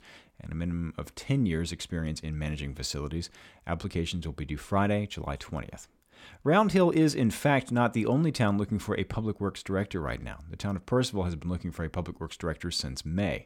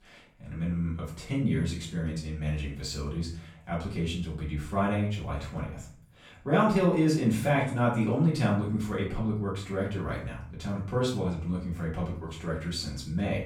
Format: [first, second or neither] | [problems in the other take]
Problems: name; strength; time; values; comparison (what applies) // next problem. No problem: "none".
first | room echo; slight; dies away in 0.5 s // off-mic speech; far